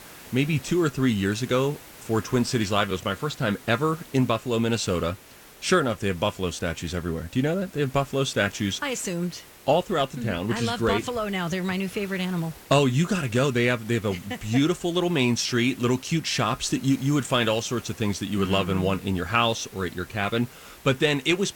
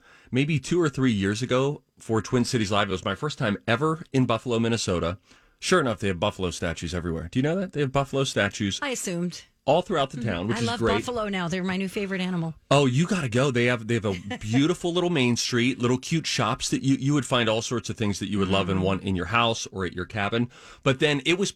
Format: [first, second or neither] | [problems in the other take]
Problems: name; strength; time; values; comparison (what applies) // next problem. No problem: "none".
second | hiss; faint; throughout; 20 dB below the speech